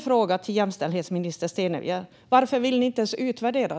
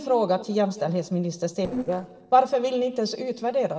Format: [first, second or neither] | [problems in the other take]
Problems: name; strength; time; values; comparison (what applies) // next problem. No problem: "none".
first | noise reduction (neural separator model SepFormer DNS4)